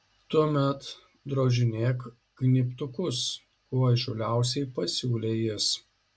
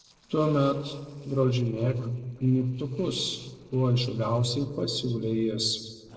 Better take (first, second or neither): first